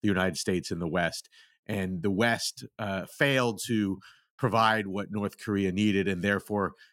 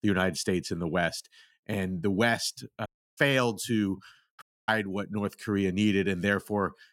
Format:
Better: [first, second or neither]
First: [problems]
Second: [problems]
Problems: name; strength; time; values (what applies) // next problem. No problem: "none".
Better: first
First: none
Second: audio cutting out; at 3 s and at 4.5 s